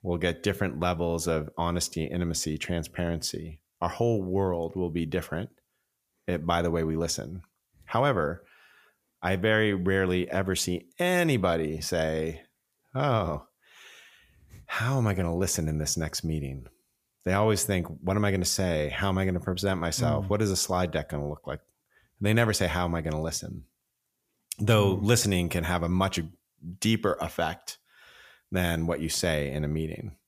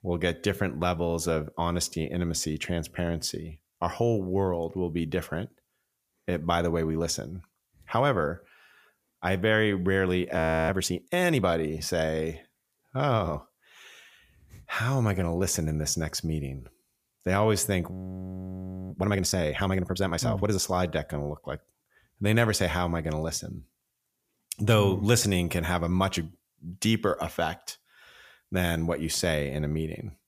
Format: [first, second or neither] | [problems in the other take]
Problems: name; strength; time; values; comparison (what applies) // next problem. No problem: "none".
first | audio freezing; at 10 s and at 18 s for 1 s